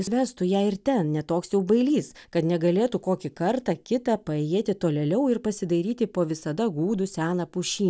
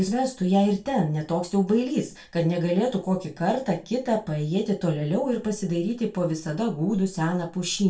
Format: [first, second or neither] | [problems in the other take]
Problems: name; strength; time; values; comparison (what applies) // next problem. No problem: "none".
first | room echo; dies away in 0.3 s